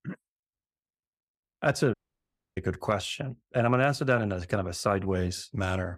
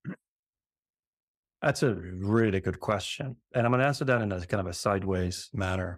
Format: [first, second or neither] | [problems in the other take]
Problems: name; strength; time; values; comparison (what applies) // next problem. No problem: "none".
second | audio cutting out; at 2 s for 0.5 s